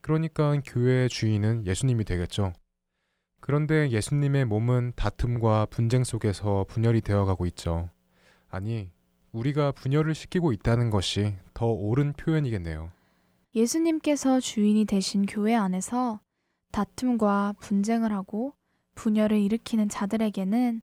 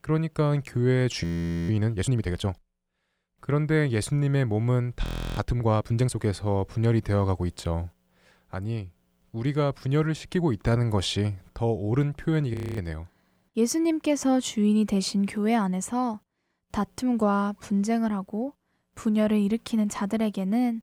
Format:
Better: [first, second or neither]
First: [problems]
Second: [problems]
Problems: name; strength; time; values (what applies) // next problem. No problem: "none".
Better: first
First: none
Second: audio freezing; at 1 s, at 5 s and at 13 s